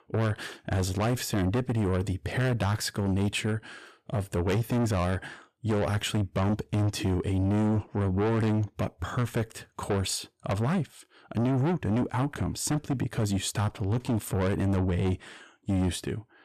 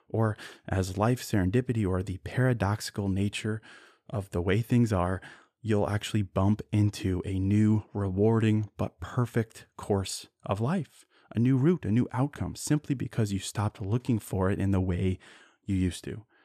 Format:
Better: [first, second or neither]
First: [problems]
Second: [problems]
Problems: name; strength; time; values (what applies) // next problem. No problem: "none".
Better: second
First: distortion; heavy; 7 dB below the speech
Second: none